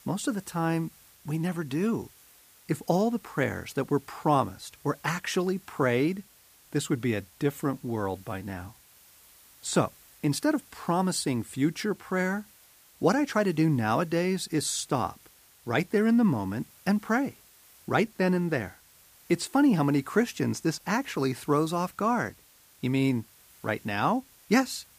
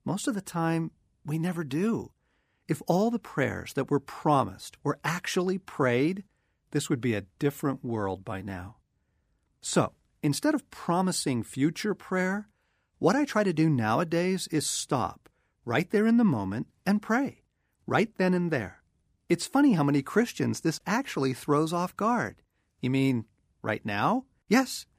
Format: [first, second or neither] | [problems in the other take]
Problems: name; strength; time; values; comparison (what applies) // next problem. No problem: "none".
second | hiss; faint; throughout; 25 dB below the speech